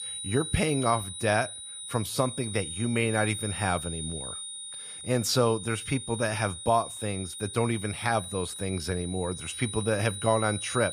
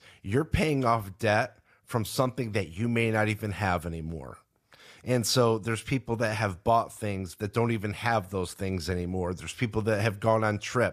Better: second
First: high-pitched whine; loud; throughout; 9.5 kHz, 7 dB below the speech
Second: none

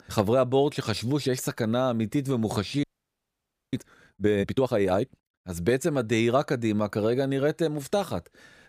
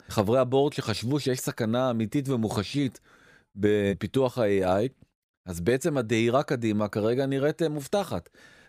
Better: second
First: audio freezing; at 3 s for 1 s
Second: none

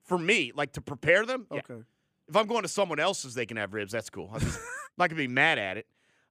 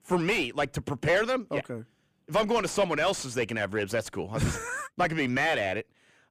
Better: first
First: none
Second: distortion; heavy; 5 dB below the speech

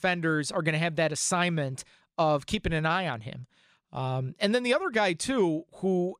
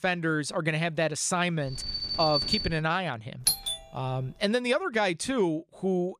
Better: first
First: none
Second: alarm; loud; from 1.5 to 3 s; peak 2 dB above the speech // doorbell; loud; at 3.5 s; peak 3 dB above the speech

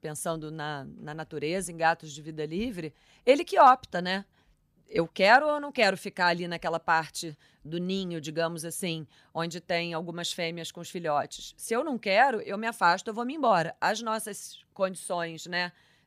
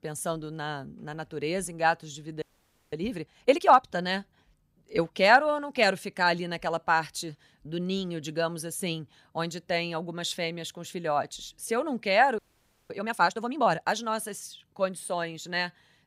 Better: first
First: none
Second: audio freezing; at 2.5 s for 0.5 s and at 12 s for 0.5 s

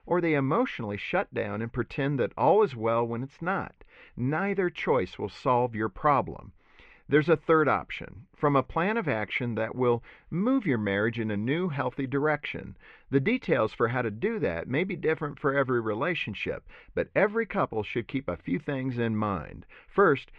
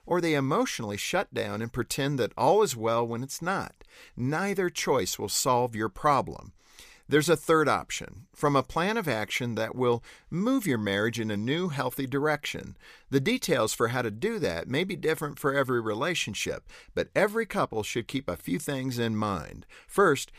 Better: second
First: muffled; very; fading above 2.5 kHz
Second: none

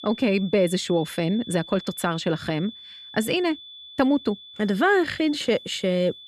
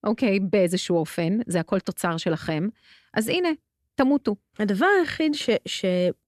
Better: second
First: high-pitched whine; noticeable; throughout; 3.5 kHz, 15 dB below the speech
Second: none

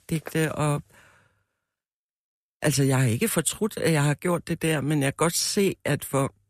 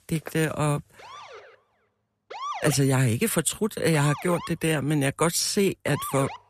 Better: first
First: none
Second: siren; noticeable; from 1 s on; peak 8 dB below the speech

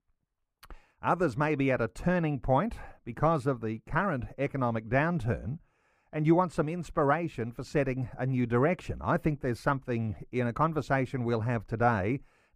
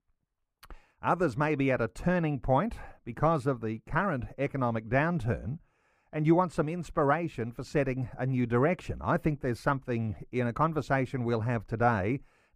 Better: neither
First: muffled; slightly; fading above 2.5 kHz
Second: muffled; slightly; fading above 2.5 kHz

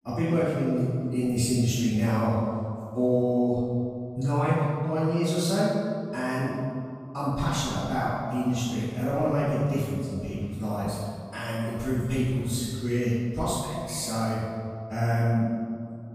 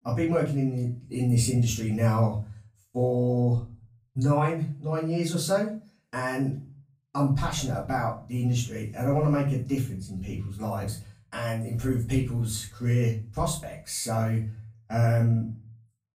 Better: second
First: room echo; strong; dies away in 2 s // off-mic speech; far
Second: room echo; slight; dies away in 0.3 s // off-mic speech; far

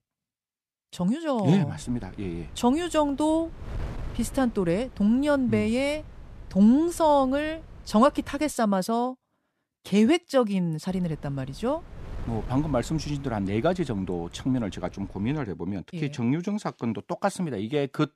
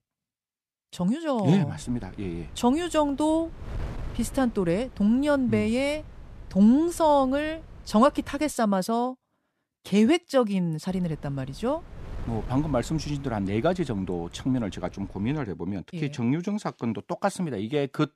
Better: neither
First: wind noise on the microphone; occasional gusts; from 2 to 8.5 s and from 11 to 15 s; 25 dB below the speech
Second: wind noise on the microphone; occasional gusts; from 2 to 8.5 s and from 11 to 15 s; 25 dB below the speech

